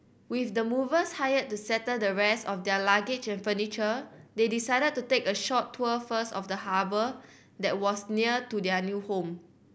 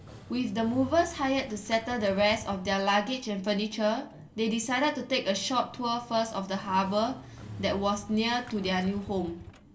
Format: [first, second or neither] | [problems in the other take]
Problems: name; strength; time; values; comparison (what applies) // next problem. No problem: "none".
first | background sound (Motorcycle); 18 dB below the speech // room echo; dies away in 0.2 s